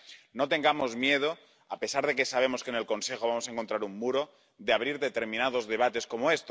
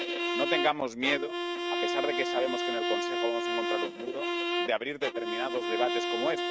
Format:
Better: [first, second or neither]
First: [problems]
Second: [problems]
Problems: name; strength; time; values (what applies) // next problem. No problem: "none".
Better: first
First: none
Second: noise reduction (neural mask model RNNoise)